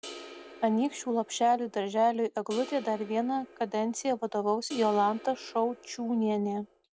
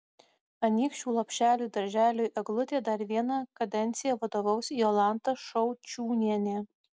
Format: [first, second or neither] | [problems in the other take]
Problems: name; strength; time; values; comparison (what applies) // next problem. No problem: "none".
second | background sound (Crash cymbal); 19 dB below the speech